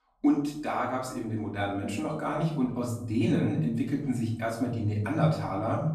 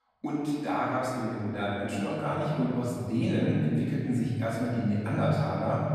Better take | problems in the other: first | room echo; strong; dies away in 2.1 s; slight in the first // off-mic speech; far; far in the first

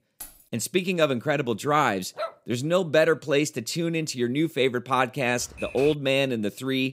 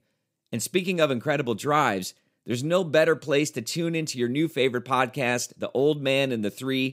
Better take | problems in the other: second | jangling keys; faint; at the start; peak 15 dB below the speech // dog barking; faint; at 2 s; peak 10 dB below the speech // keyboard typing; faint; at 5.5 s; peak 10 dB below the speech

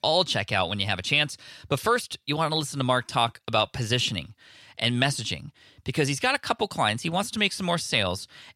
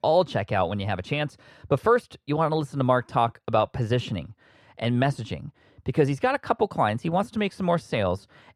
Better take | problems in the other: first | muffled; very; fading above 2 kHz

